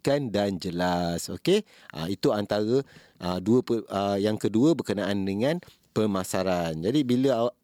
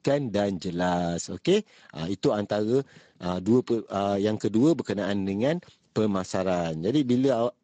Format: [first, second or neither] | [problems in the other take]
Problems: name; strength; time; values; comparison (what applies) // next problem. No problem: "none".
first | garbled, watery; slightly; nothing above 7.5 kHz